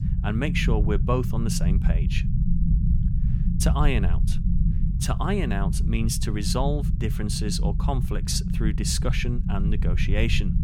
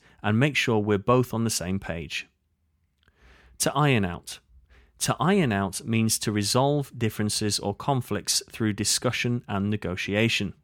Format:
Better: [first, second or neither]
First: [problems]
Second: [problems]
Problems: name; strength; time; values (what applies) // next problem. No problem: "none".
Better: second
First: low rumble; loud; throughout; 8 dB below the speech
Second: none